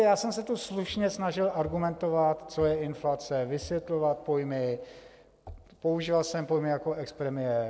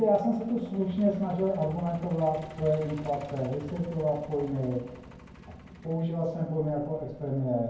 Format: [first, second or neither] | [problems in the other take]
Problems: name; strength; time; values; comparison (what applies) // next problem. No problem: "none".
first | background sound (Truck); 19 dB below the speech // room echo; dies away in 0.9 s